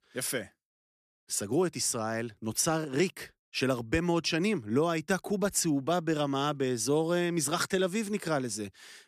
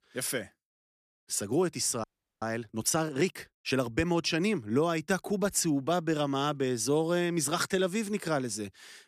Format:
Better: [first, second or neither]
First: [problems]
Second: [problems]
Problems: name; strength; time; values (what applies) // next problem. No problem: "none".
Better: first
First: none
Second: audio freezing; at 2 s